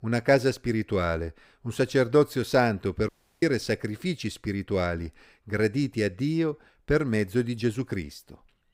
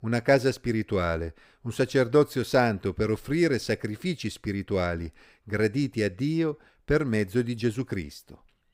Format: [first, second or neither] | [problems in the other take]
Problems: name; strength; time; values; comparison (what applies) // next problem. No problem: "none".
second | audio cutting out; at 3 s